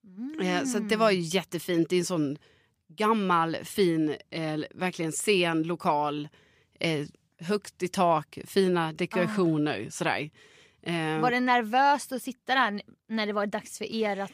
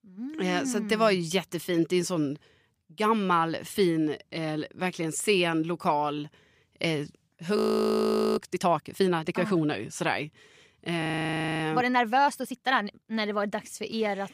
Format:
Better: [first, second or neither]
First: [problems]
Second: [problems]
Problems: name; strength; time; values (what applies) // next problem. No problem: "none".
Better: first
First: none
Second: audio freezing; at 7.5 s for 1 s and at 11 s for 0.5 s